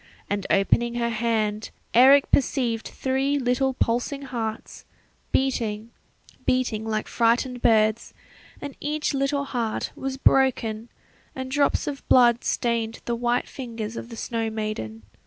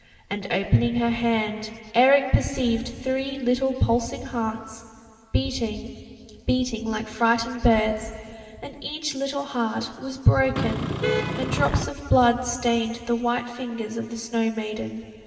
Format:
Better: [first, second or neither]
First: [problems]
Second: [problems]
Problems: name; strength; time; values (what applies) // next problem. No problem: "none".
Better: first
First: none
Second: background sound (Vehicle horn, car horn, honking); 1 dB below the speech // room echo; dies away in 2.3 s